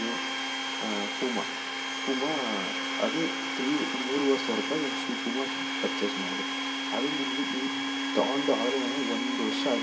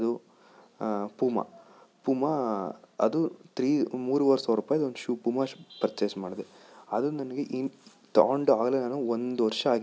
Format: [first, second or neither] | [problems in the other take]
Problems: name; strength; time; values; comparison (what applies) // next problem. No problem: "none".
second | background sound (Domestic sounds, home sounds); 1 dB above the speech // room echo; dies away in 1.7 s